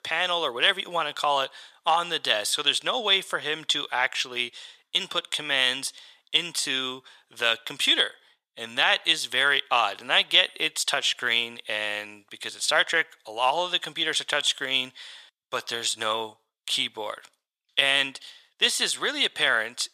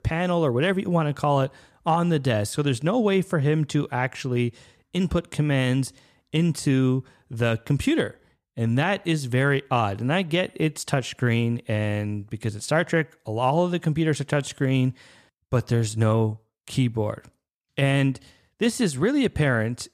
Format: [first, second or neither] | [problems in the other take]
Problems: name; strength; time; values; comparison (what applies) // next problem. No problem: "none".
second | thin; very; fading below 900 Hz